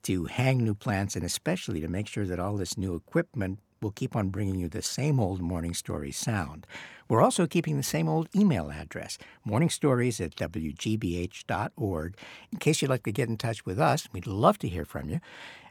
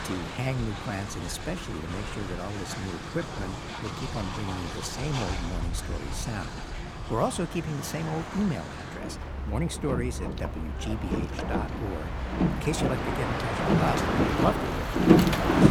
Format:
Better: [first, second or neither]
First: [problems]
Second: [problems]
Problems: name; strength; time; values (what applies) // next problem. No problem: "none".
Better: first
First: none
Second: train or aircraft noise; very loud; throughout; 3 dB above the speech